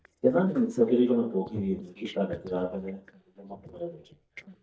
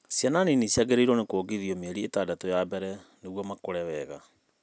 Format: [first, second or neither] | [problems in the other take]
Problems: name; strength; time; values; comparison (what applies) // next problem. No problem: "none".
second | noise reduction (neural mask model DeepFilterNet 3)